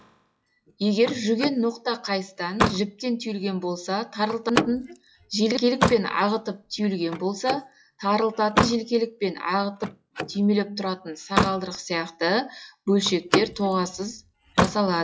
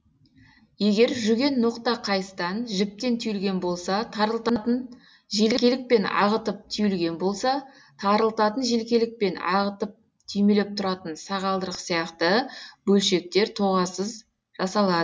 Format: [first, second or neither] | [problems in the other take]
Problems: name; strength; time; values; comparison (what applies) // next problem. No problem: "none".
second | noise reduction (classical method log-MMSE)